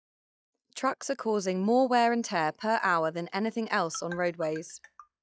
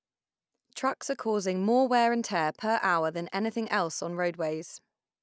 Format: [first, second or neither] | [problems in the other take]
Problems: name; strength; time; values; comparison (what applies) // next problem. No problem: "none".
second | noise reduction (classical method log-MMSE)